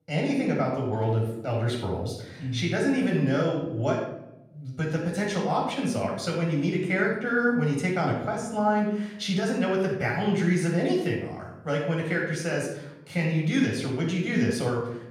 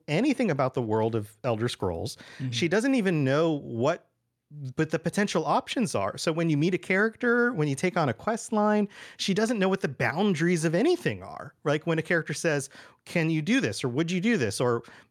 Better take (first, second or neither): second